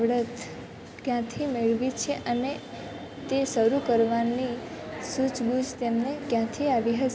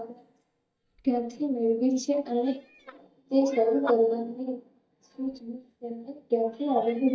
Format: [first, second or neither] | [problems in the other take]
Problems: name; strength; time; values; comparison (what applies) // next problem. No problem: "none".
first | noise reduction (neural mask model DeepFilterNet 3)